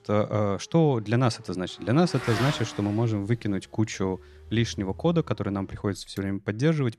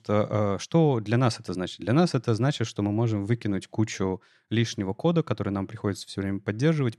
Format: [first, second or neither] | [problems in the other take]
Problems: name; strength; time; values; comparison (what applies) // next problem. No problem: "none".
second | traffic noise; noticeable; throughout; 10 dB below the speech